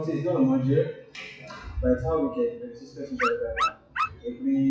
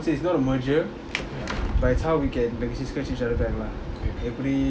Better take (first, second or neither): second